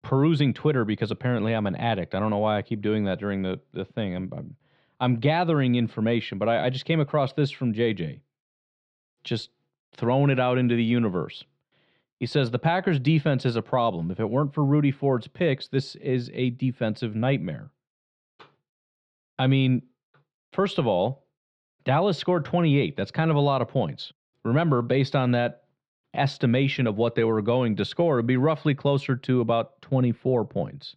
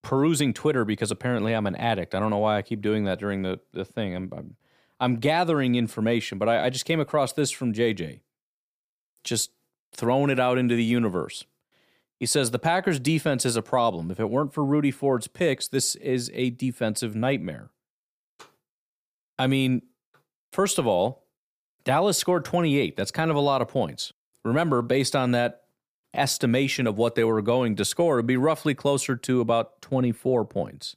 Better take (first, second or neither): second